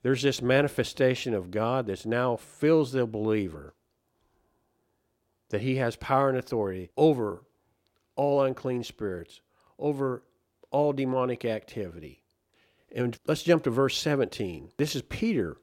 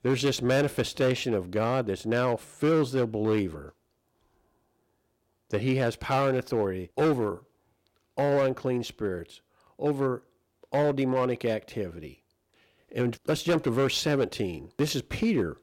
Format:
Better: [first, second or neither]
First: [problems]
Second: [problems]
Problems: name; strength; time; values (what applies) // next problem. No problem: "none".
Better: first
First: none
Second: distortion; slight; 7% of the sound clipped